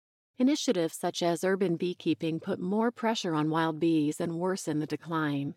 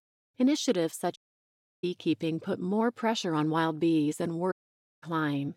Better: first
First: none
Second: audio cutting out; at 1 s for 0.5 s and at 4.5 s for 0.5 s

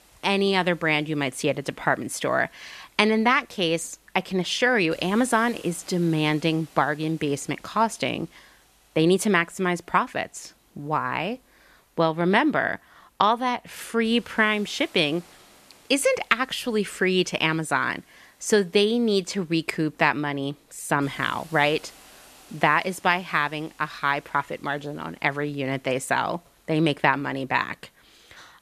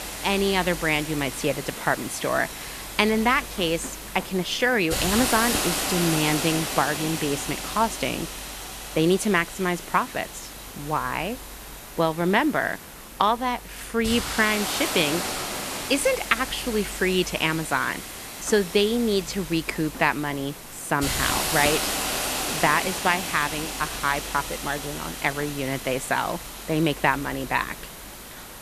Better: first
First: hiss; faint; throughout; 30 dB below the speech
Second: hiss; loud; throughout; 5 dB below the speech

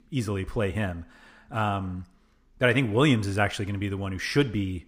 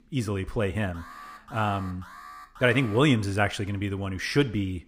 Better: first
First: none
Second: alarm; faint; from 1 to 3 s; peak 15 dB below the speech

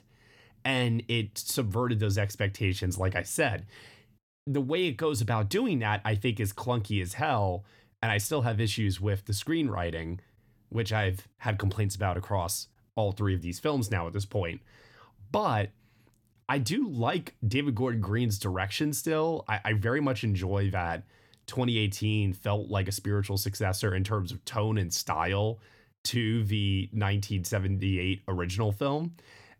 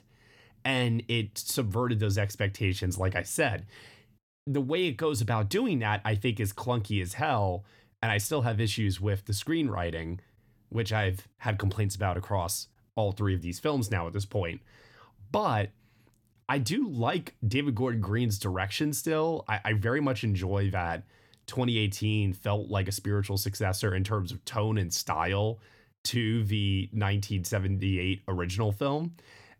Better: neither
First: none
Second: none

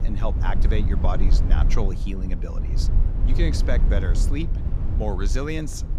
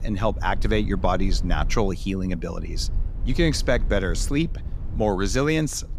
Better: second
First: low rumble; loud; throughout; 7 dB below the speech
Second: low rumble; faint; throughout; 20 dB below the speech

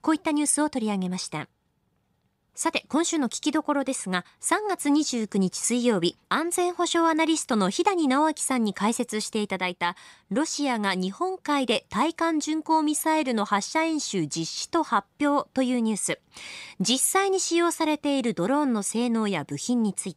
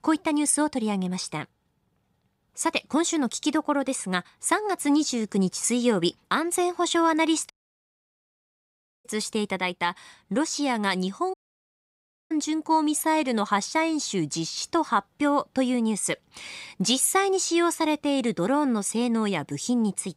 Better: first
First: none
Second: audio cutting out; at 7.5 s for 1.5 s and at 11 s for 1 s

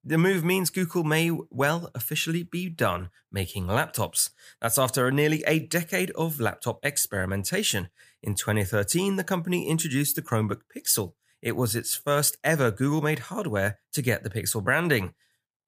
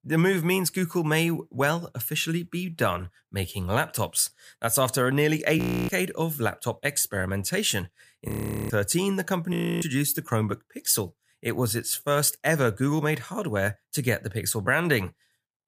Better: first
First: none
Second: audio freezing; at 5.5 s, at 8.5 s and at 9.5 s

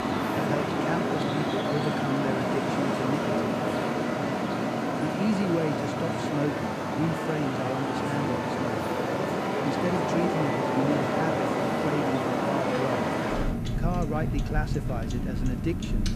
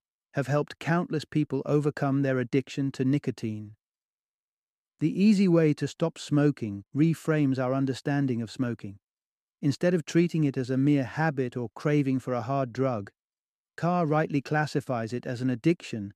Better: second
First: traffic noise; very loud; throughout; 4 dB above the speech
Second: none

